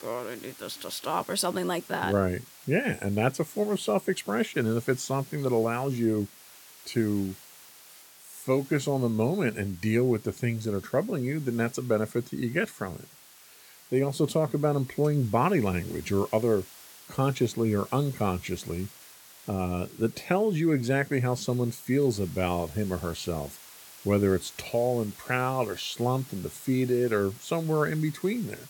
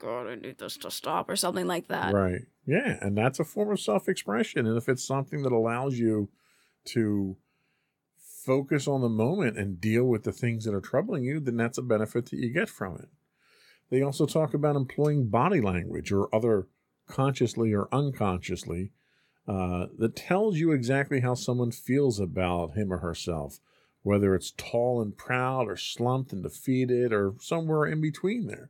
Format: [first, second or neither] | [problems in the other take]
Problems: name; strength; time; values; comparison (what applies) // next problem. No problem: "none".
second | hiss; noticeable; throughout; 20 dB below the speech